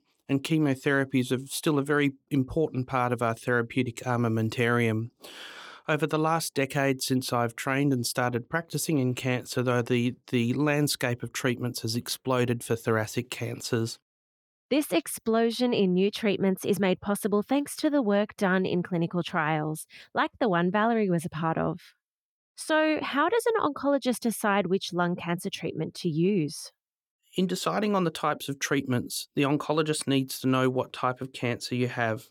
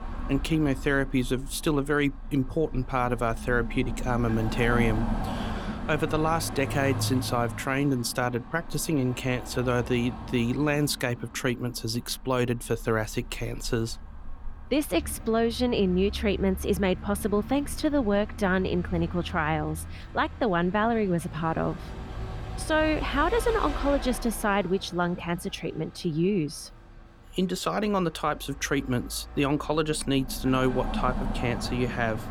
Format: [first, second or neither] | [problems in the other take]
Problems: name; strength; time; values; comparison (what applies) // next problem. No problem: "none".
first | traffic noise; noticeable; throughout; 10 dB below the speech